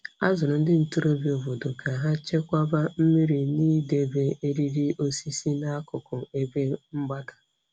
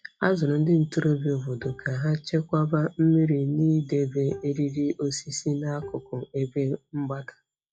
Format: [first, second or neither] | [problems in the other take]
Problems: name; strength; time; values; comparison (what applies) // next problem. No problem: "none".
first | noise reduction (classical method log-MMSE)